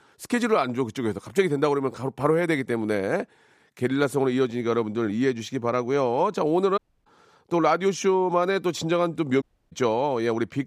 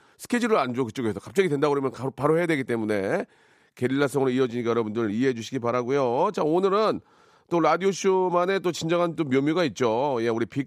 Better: second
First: audio cutting out; at 7 s and at 9.5 s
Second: none

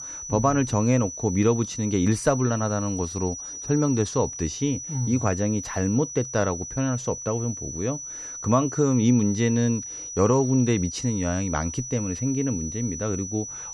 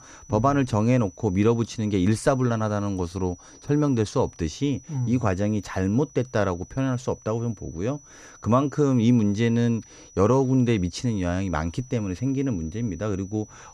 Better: second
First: high-pitched whine; loud; throughout; 6 kHz, 8 dB below the speech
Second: high-pitched whine; faint; throughout; 6 kHz, 25 dB below the speech

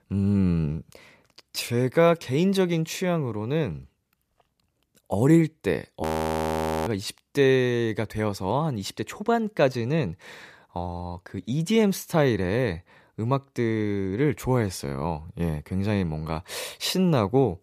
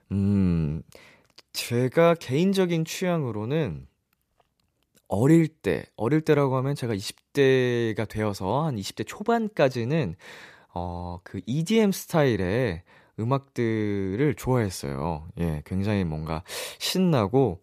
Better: second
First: audio freezing; at 6 s for 1 s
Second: none

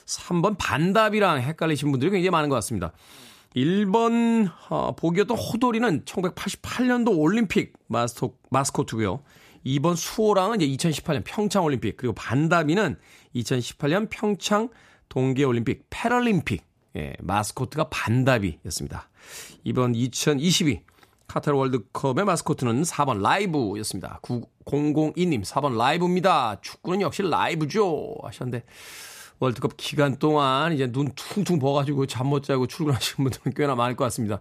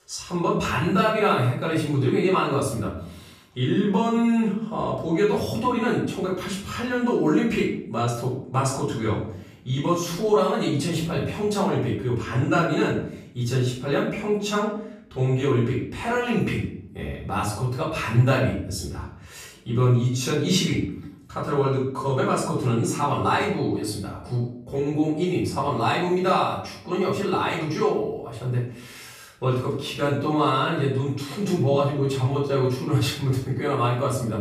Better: first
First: none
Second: off-mic speech; far // room echo; noticeable; dies away in 0.5 s

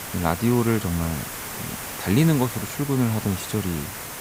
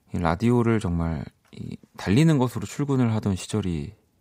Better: second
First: hiss; loud; throughout; 8 dB below the speech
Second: none

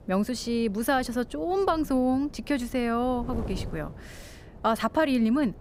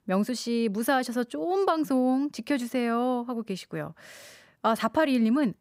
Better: second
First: wind noise on the microphone; occasional gusts; 20 dB below the speech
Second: none

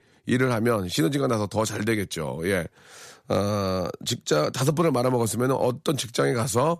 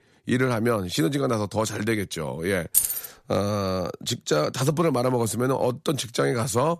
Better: first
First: none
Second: jangling keys; loud; at 2.5 s; peak 4 dB above the speech

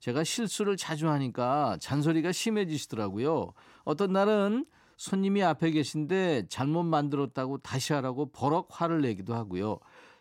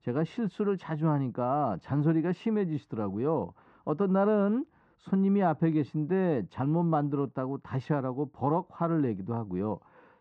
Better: first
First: none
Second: muffled; very; fading above 1.5 kHz

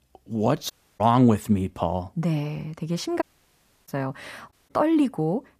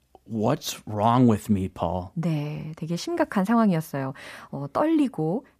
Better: second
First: audio cutting out; at 0.5 s, at 3 s for 0.5 s and at 4.5 s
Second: none

